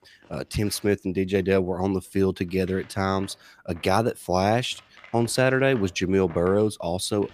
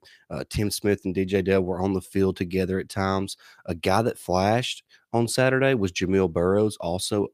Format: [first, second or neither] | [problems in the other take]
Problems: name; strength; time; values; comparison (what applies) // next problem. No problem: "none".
second | household noises; faint; throughout; 25 dB below the speech